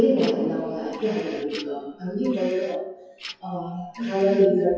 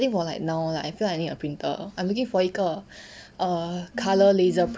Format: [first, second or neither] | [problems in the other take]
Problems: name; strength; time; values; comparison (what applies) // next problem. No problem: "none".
second | noise reduction (classical method WPE with log-MMSE)